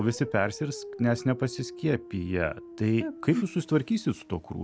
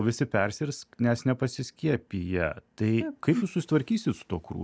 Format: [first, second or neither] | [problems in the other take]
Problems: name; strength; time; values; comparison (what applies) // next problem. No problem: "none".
second | background sound (Dog); 16 dB below the speech